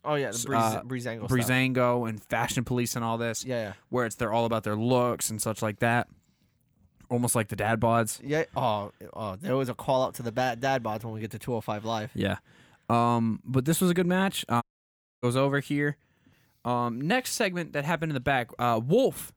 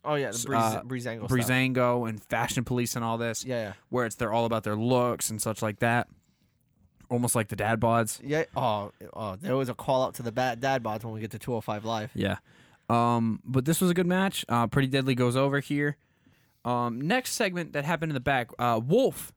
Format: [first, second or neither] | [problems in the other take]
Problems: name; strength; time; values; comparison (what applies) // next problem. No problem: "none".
second | audio cutting out; at 15 s for 0.5 s